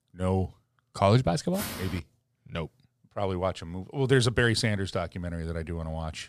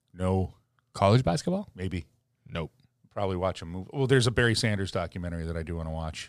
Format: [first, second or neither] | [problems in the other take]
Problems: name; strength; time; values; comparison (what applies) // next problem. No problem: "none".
second | footsteps; noticeable; at 1.5 s; peak 7 dB below the speech